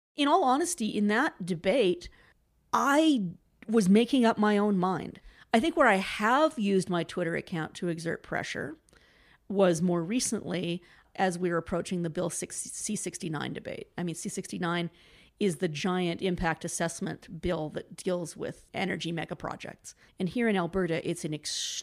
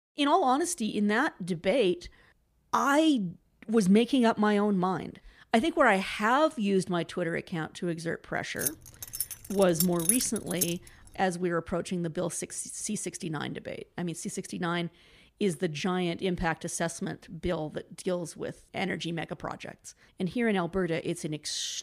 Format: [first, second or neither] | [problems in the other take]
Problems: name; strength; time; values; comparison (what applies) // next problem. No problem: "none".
first | jangling keys; loud; from 8.5 to 11 s; peak 3 dB above the speech